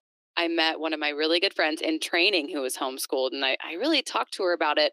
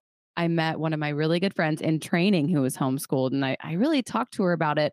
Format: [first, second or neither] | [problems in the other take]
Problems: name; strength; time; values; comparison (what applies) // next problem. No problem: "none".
second | thin; very; fading below 300 Hz